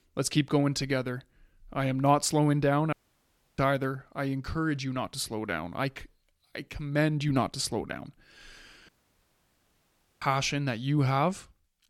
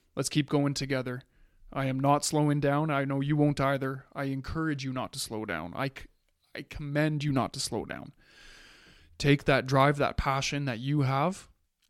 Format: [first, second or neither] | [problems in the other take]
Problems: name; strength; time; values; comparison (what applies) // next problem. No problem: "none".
second | audio cutting out; at 3 s for 0.5 s and at 9 s for 1.5 s